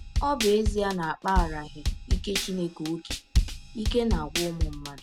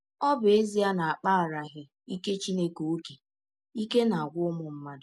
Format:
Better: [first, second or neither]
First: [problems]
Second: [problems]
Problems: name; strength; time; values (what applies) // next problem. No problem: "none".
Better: second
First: background sound (Drum kit); as loud as the speech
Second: none